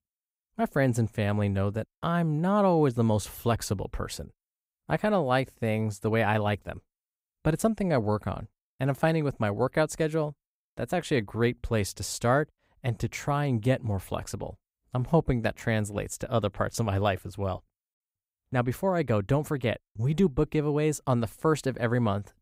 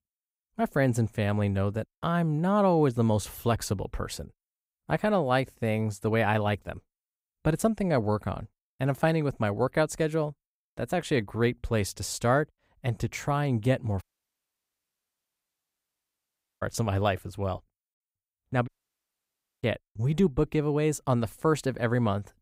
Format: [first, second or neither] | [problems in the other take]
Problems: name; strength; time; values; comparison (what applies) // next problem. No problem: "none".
first | audio cutting out; at 14 s for 2.5 s and at 19 s for 1 s